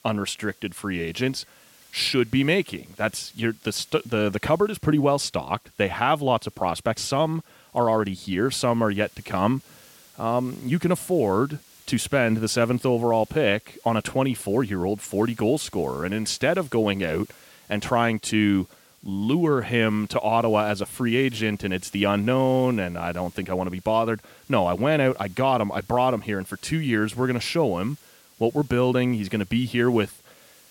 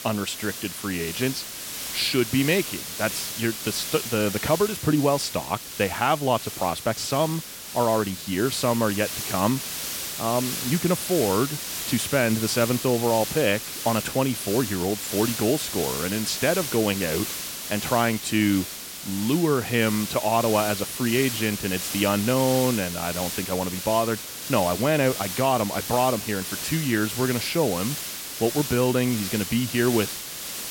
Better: first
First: hiss; faint; throughout; 25 dB below the speech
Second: hiss; loud; throughout; 6 dB below the speech

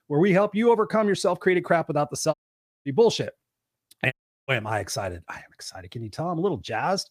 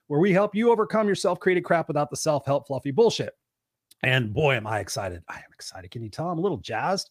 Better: second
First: audio cutting out; at 2.5 s for 0.5 s and at 4 s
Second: none

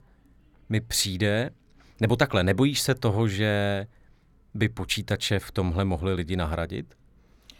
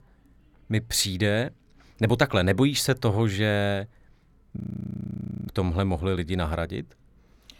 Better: first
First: none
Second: audio freezing; at 4.5 s for 1 s

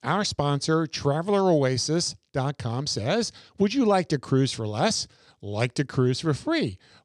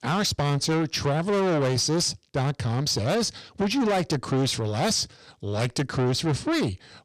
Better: first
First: none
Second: distortion; heavy; 7 dB below the speech

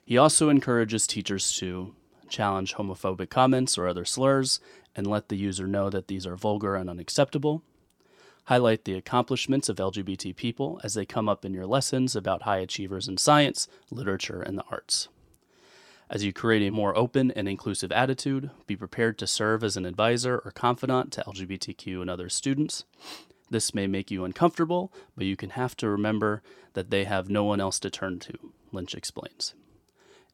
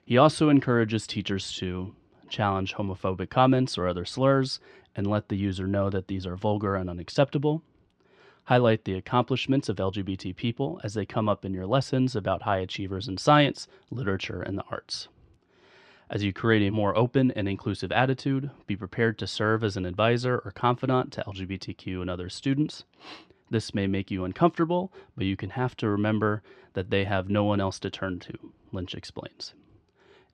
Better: first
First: none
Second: muffled; slightly; fading above 3 kHz

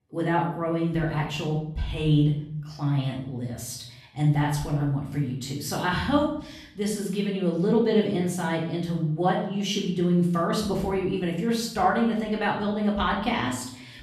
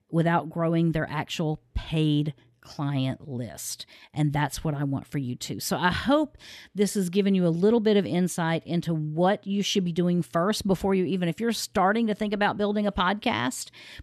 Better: second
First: room echo; noticeable; dies away in 0.6 s // off-mic speech; far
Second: none

